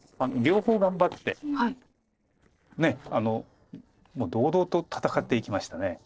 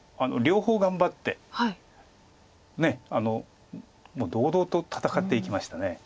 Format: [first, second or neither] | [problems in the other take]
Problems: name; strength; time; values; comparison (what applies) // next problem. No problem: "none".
second | noise reduction (neural separator model SepFormer DNS4)